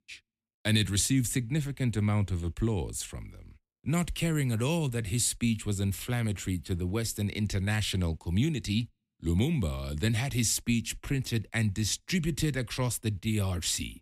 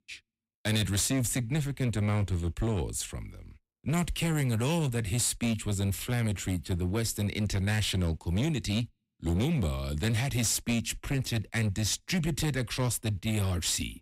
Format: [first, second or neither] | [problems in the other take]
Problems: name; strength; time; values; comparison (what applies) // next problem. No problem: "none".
first | distortion; slight; 14% of the sound clipped